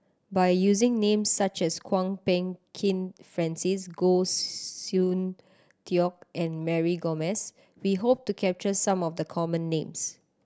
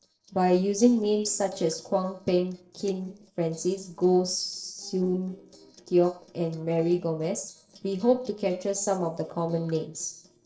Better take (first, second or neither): first